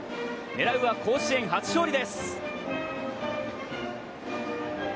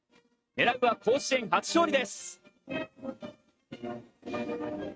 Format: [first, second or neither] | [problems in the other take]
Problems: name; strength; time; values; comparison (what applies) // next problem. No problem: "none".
first | noise reduction (neural mask model RNNoise)